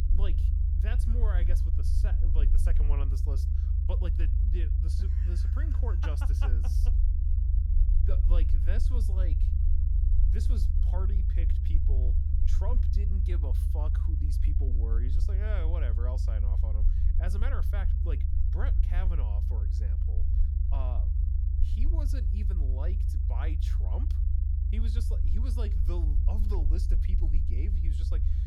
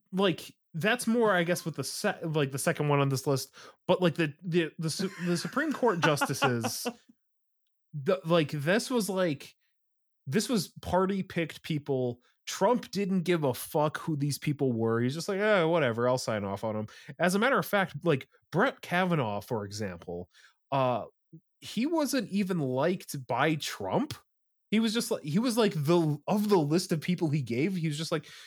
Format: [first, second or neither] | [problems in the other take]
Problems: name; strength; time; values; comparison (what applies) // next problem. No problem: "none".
second | low rumble; loud; throughout; 2 dB below the speech